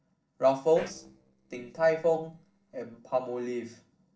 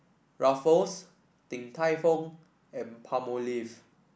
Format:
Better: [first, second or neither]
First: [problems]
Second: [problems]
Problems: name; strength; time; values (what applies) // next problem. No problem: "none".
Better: second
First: noise reduction (neural separator model SepFormer DNS4)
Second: none